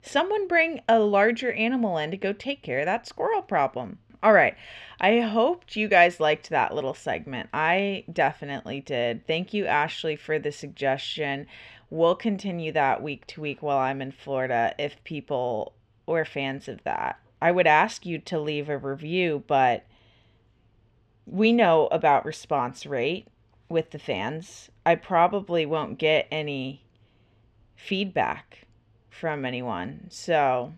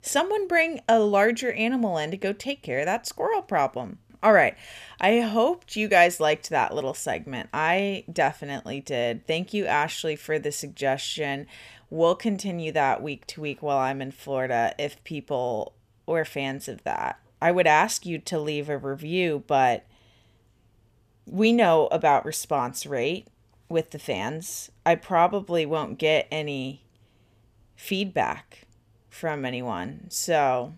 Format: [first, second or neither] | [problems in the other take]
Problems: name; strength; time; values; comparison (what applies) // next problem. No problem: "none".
second | muffled; slightly; fading above 3 kHz